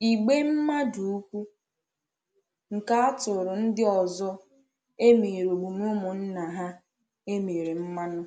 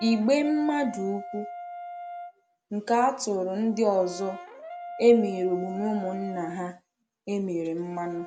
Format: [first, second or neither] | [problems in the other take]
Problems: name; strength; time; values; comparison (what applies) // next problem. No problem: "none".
first | background sound (Brass instrument); 14 dB below the speech